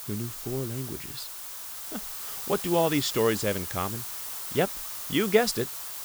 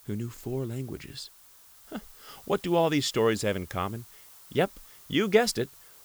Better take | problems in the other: second | hiss; loud; throughout; 6 dB below the speech; faint in the second

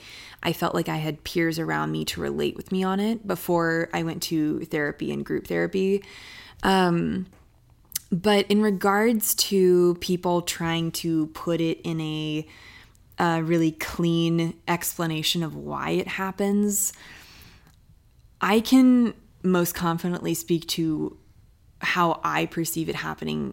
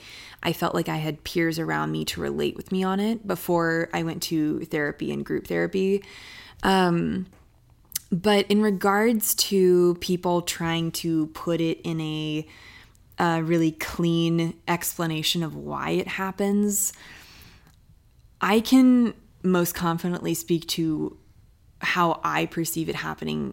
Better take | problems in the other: neither | none

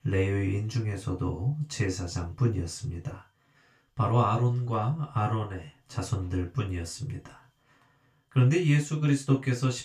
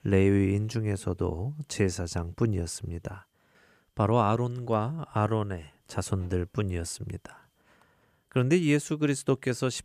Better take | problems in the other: second | room echo; slight; dies away in 0.2 s // off-mic speech; far

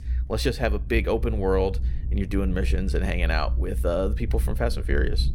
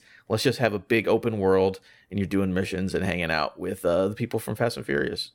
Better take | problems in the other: second | low rumble; noticeable; throughout; 20 dB below the speech

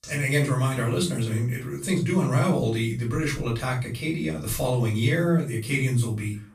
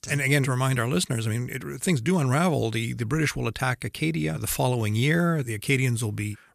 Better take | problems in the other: second | off-mic speech; far // room echo; slight; dies away in 0.3 s

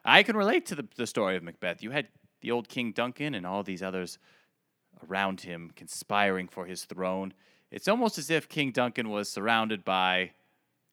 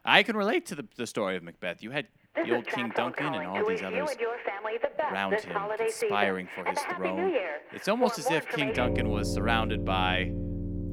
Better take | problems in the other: first | alarms or sirens; loud; throughout; 1 dB below the speech

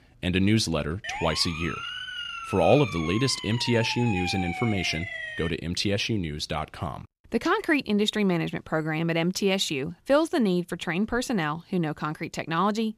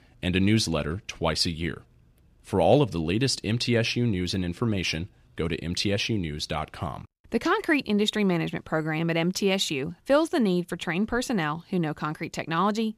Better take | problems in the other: second | siren; noticeable; from 1 to 5.5 s; peak 5 dB below the speech

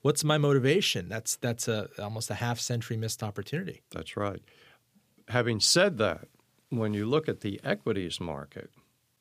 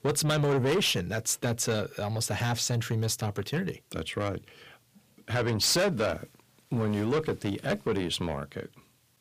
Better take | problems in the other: first | distortion; heavy; 7 dB below the speech

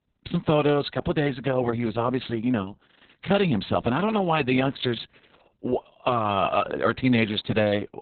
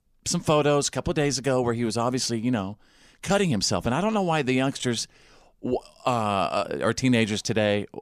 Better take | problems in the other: second | garbled, watery; badly; nothing above 4 kHz

